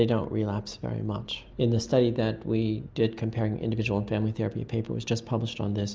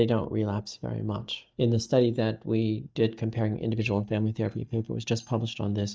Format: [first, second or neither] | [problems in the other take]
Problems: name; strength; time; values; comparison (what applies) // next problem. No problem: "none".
first | noise reduction (neural mask model DeepFilterNet 3)